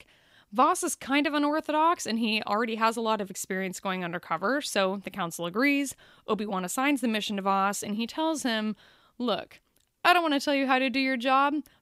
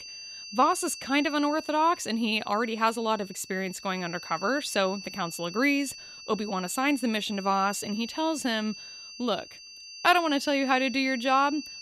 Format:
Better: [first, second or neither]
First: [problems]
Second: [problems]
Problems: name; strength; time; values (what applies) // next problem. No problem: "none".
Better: first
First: none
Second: high-pitched whine; noticeable; throughout; 4.5 kHz, 15 dB below the speech